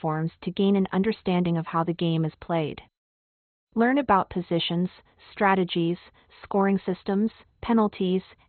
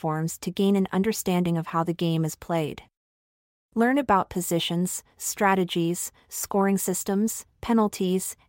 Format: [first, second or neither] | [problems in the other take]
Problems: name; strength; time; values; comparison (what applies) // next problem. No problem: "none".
second | garbled, watery; badly; nothing above 4 kHz